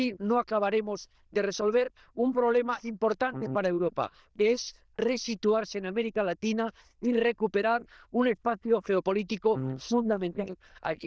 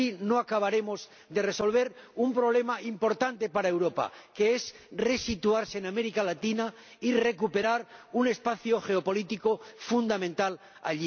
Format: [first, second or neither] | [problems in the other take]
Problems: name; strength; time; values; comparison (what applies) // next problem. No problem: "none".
second | noise reduction (neural diffusion model UNIVERSE++)